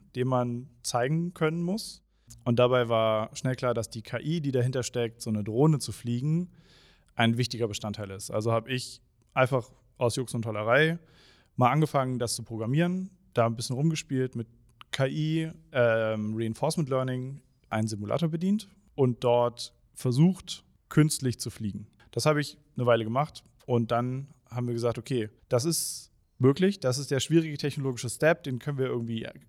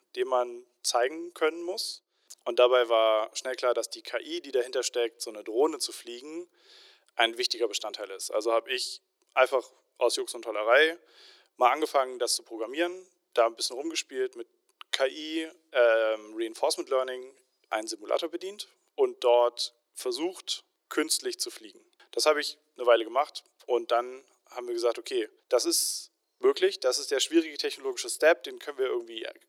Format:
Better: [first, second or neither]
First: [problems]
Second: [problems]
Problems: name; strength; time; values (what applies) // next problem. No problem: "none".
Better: first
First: none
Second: thin; very; fading below 350 Hz